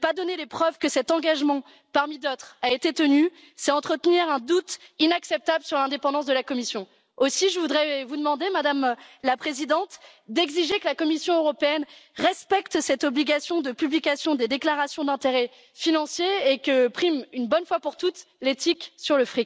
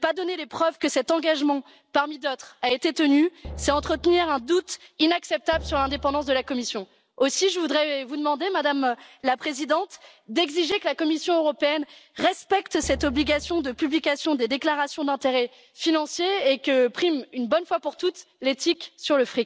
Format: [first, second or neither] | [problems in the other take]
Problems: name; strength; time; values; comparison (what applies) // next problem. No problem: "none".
first | background sound (Drum); 16 dB below the speech